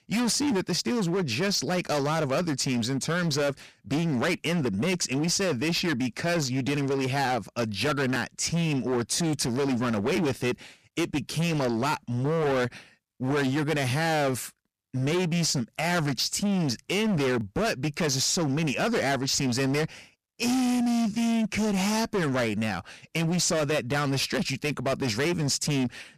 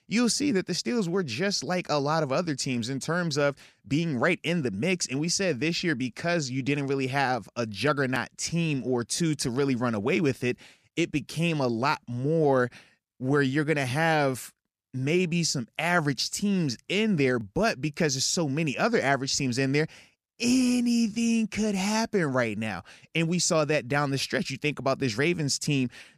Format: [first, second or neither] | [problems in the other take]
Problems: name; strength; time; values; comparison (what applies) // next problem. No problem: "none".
second | distortion; heavy; 26% of the sound clipped